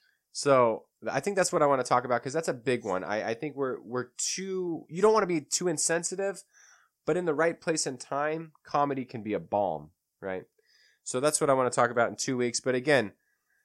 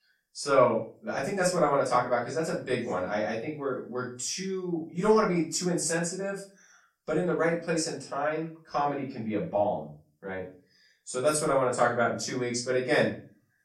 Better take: first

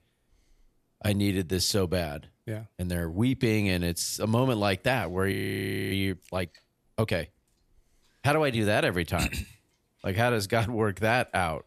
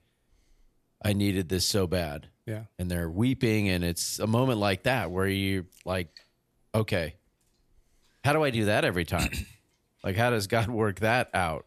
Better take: second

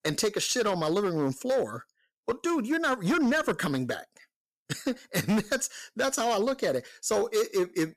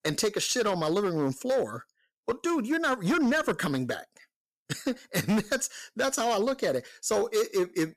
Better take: neither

